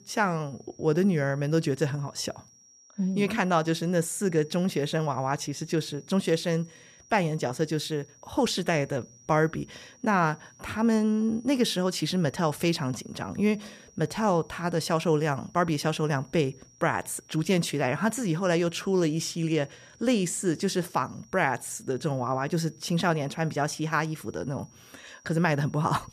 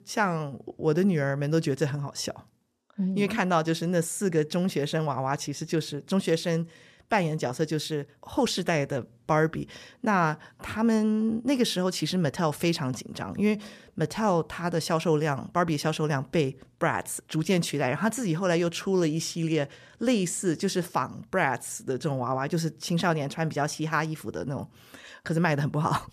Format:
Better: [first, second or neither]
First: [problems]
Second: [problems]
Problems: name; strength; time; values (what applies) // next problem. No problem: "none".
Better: second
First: high-pitched whine; faint; throughout; 5.5 kHz, 25 dB below the speech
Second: none